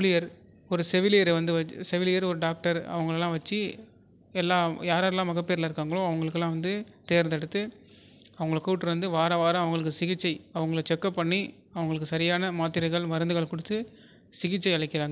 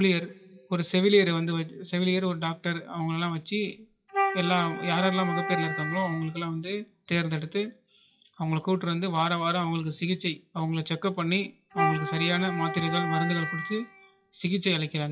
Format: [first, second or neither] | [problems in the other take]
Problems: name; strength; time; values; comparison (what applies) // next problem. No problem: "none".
first | noise reduction (classical method WPE with log-MMSE)